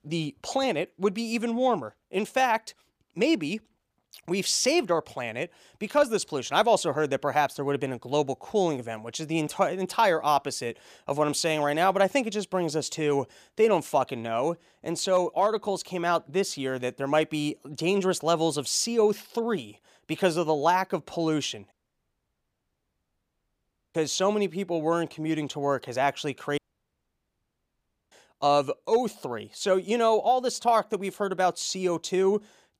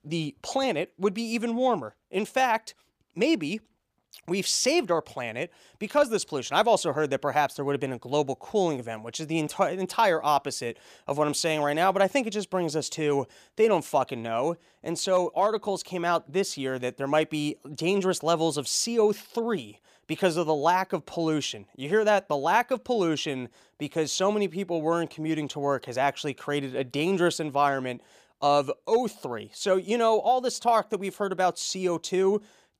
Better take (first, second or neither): second